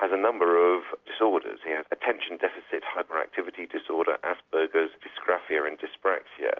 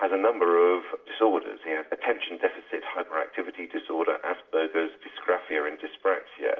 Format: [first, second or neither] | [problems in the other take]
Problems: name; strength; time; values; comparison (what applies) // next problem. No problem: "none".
first | room echo; dies away in 0.5 s